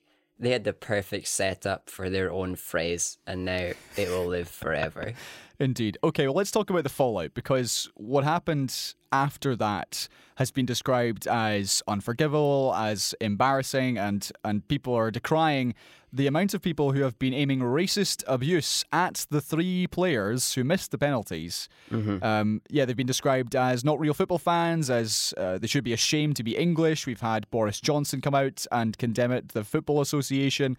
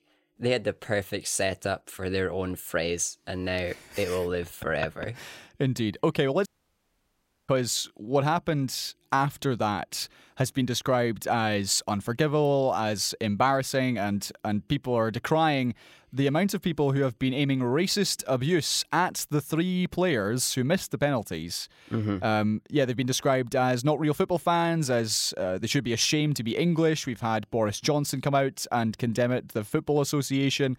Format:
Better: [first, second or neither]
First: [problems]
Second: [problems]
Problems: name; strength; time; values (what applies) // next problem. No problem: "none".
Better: first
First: none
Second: audio cutting out; at 6.5 s for 1 s